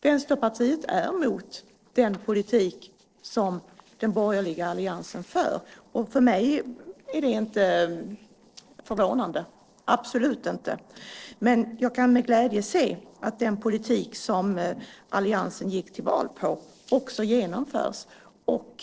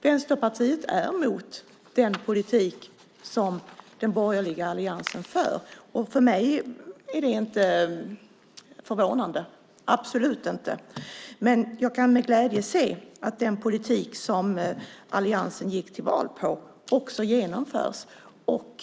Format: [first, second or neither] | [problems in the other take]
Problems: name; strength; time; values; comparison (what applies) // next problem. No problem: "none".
second | noise reduction (neural separator model SepFormer DNS4)